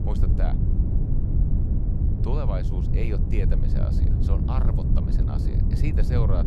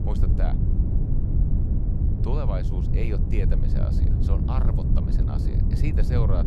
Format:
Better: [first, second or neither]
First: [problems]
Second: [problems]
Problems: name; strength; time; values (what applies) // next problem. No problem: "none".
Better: neither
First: wind noise on the microphone; heavy; as loud as the speech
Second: wind noise on the microphone; heavy; as loud as the speech